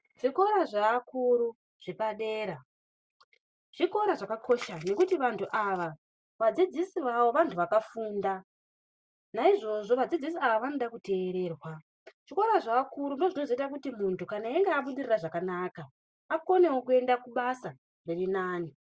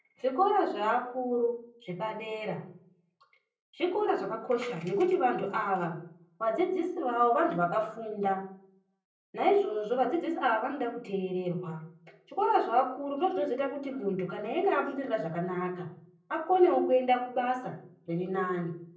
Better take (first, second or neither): first